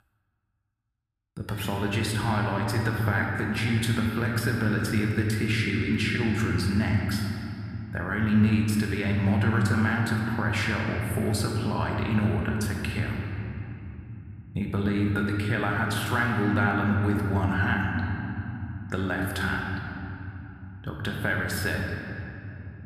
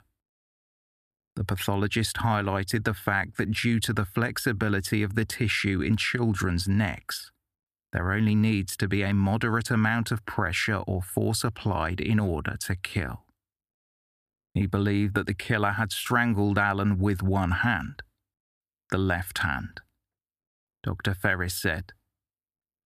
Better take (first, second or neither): second